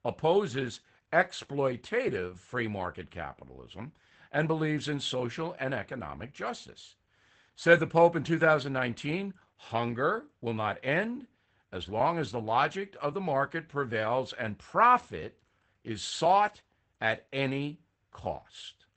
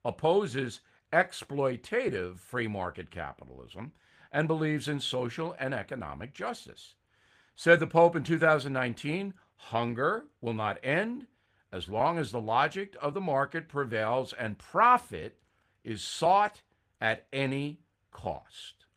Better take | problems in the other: second | garbled, watery; badly; nothing above 8 kHz; slightly in the second

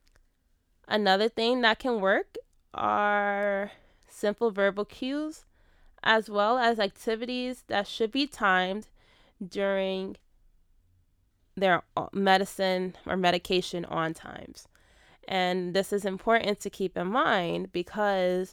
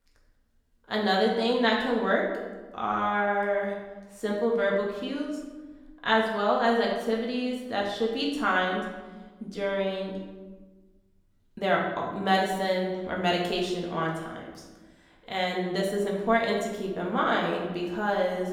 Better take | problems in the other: first | room echo; noticeable; dies away in 1 s // off-mic speech; far

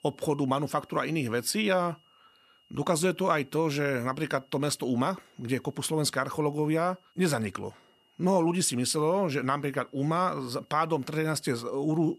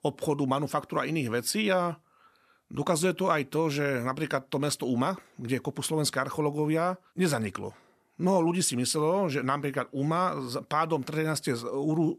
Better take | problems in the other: second | high-pitched whine; faint; throughout; 3 kHz, 35 dB below the speech

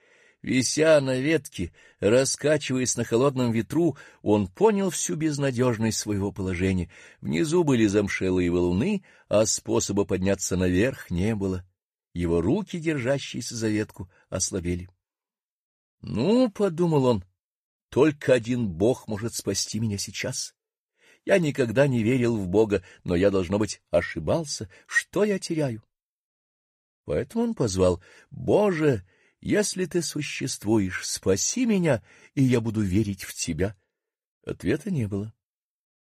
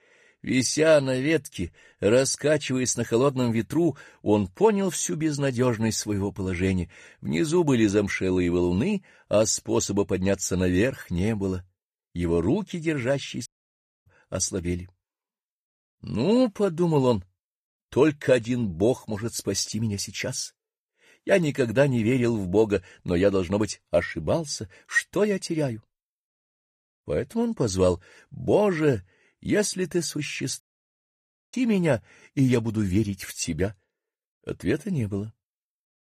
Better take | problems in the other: first | audio cutting out; at 13 s for 0.5 s and at 31 s for 1 s

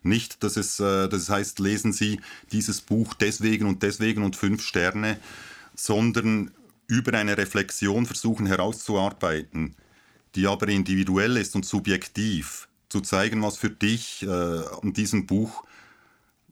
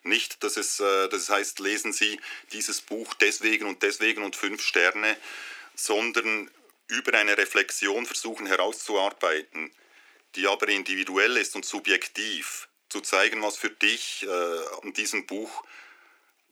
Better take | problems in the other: first | thin; very; fading below 350 Hz

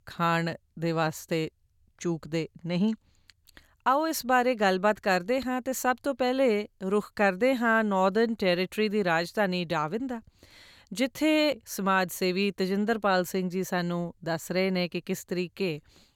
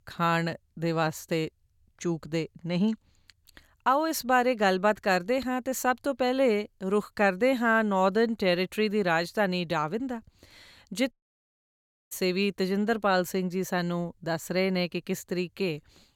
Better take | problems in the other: first | audio cutting out; at 11 s for 1 s

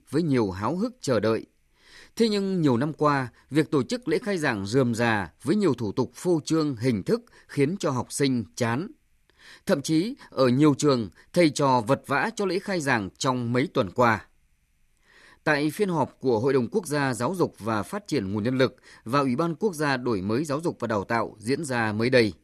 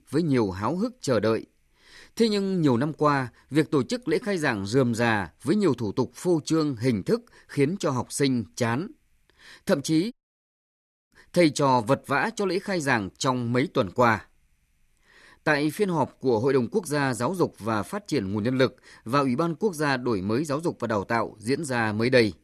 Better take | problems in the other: first | audio cutting out; at 10 s for 1 s

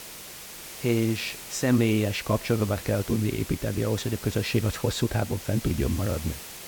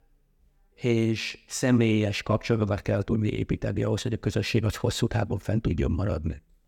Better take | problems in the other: second | hiss; noticeable; throughout; 10 dB below the speech

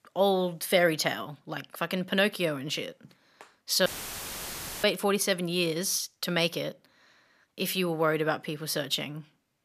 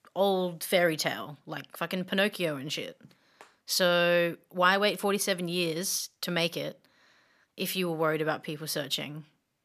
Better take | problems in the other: second | audio cutting out; filled with static; at 4 s for 1 s

